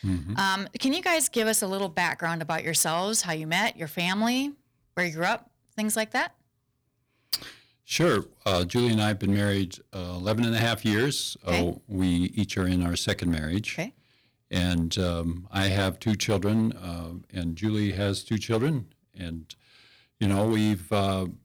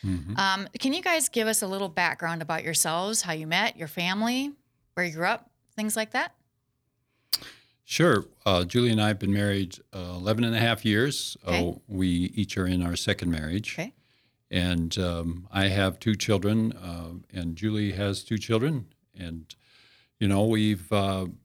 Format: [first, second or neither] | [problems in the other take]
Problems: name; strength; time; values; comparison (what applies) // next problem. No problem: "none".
second | distortion; slight; 4% of the sound clipped